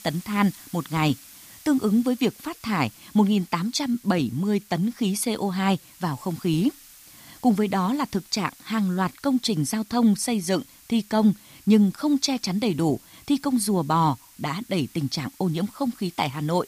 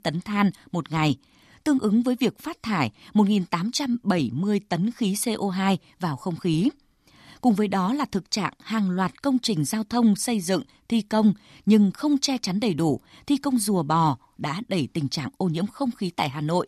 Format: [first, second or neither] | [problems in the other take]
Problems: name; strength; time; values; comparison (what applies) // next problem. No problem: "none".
second | hiss; faint; throughout; 20 dB below the speech